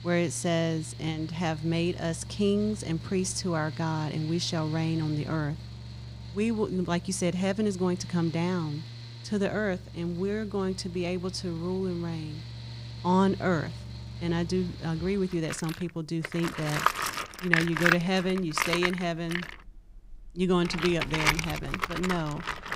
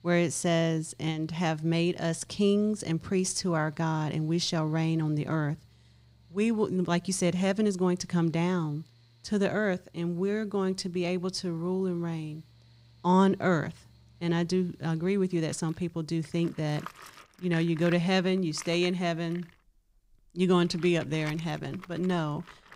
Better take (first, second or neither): second